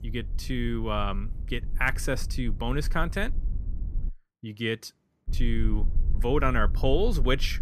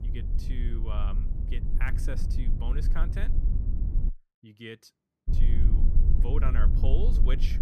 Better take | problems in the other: first | low rumble; loud; until 4 s and from 5.5 s on; 5 dB below the speech; faint in the first

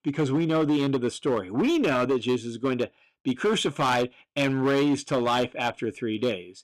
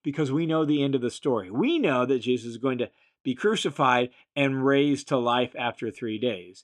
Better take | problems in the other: second | distortion; slight; 11% of the sound clipped

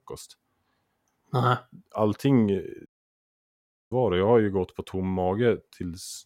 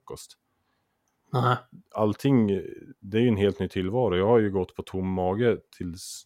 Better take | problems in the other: second | audio cutting out; at 3 s for 1 s

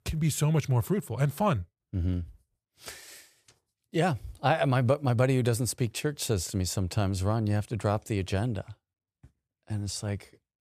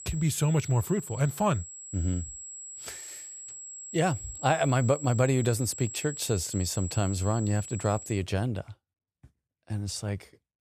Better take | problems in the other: first | high-pitched whine; noticeable; until 8 s; 7.5 kHz, 10 dB below the speech

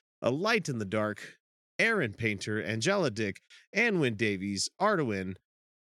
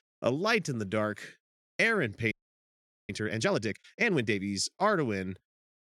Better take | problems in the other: first | audio freezing; at 2.5 s for 1 s

